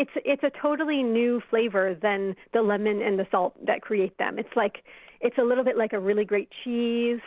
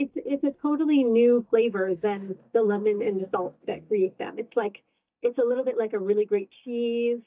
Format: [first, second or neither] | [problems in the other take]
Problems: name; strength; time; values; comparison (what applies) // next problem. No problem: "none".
first | noise reduction (neural mask model DeepFilterNet 3)